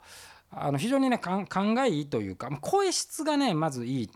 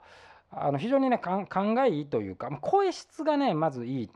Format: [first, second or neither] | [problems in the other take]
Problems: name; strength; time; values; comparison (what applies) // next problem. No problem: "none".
first | muffled; slightly; fading above 3 kHz